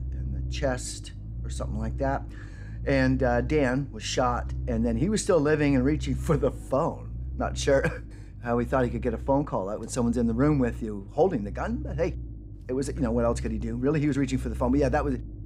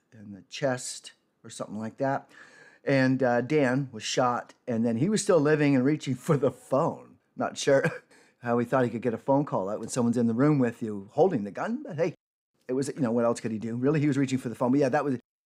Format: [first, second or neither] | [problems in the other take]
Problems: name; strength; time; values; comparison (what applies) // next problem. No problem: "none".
second | low rumble; faint; throughout; 20 dB below the speech